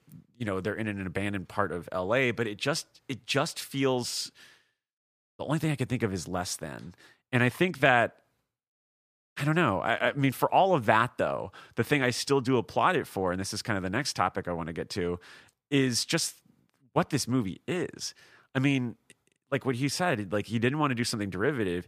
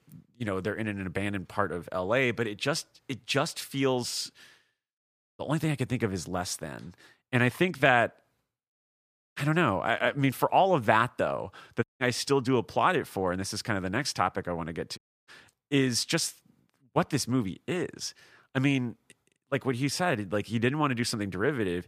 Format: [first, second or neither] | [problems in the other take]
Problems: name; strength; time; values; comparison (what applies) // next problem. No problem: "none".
first | audio cutting out; at 12 s and at 15 s